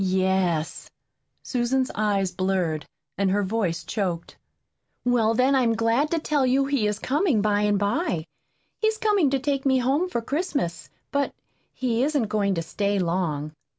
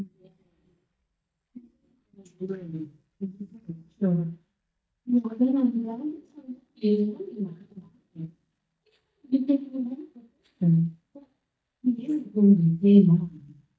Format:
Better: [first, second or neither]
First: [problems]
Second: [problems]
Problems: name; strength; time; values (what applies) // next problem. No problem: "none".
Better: first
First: none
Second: noise reduction (neural mask model DeepFilterNet 3)